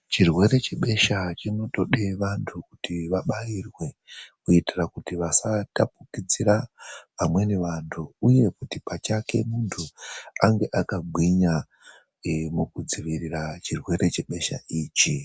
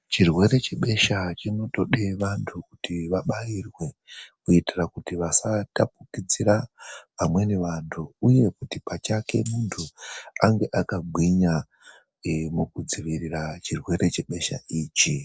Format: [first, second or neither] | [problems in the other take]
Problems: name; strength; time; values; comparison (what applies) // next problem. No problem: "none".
first | noise reduction (neural separator model SepFormer DNS4)